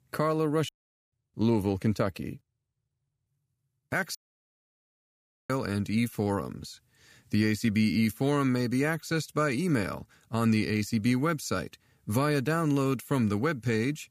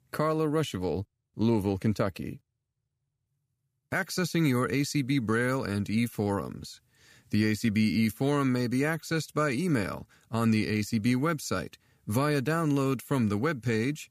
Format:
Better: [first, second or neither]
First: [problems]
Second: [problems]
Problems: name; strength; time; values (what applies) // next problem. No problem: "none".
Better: second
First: audio cutting out; at 0.5 s and at 4 s for 1.5 s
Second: none